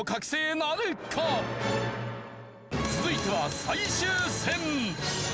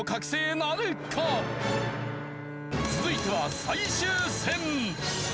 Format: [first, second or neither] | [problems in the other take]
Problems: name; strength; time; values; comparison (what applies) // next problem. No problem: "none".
first | background sound (Bowed string instrument); 13 dB below the speech